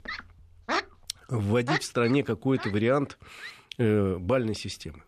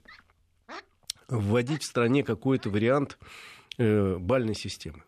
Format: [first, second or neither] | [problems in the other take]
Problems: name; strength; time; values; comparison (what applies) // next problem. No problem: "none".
second | animal sounds; loud; throughout; 7 dB below the speech; faint in the second